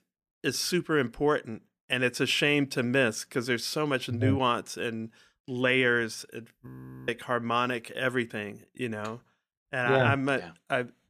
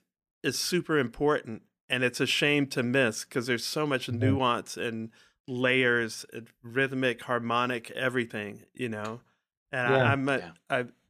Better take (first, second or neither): second